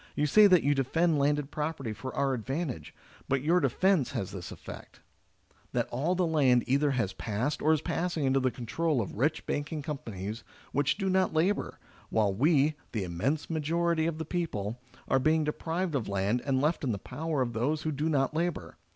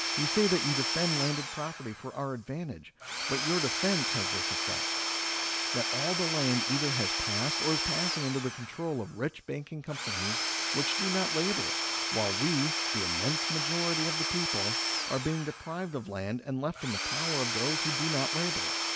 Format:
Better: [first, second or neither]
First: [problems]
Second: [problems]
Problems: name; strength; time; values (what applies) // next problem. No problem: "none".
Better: first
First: none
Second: background sound (Tools / Domestic sounds, home sounds); 1 dB above the speech